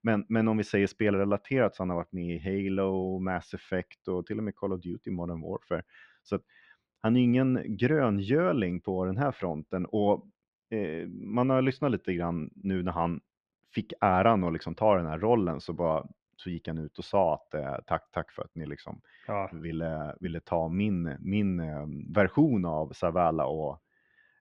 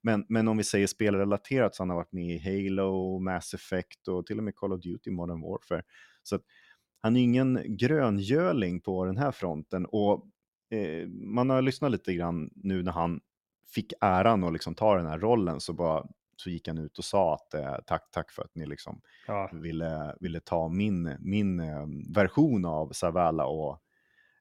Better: second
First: muffled; slightly; fading above 2.5 kHz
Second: none

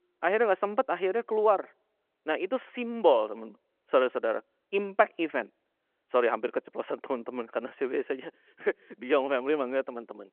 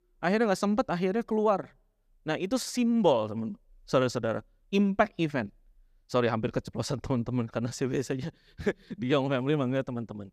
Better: second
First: phone-call audio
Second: none

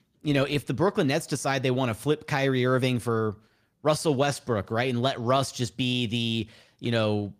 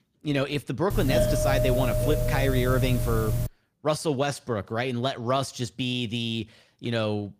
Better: first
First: none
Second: doorbell; loud; from 1 to 3.5 s; peak 4 dB above the speech

